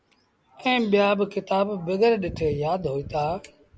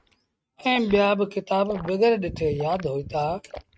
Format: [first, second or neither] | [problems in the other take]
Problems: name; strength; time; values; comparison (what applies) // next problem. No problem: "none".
first | noise reduction (neural mask model RNNoise)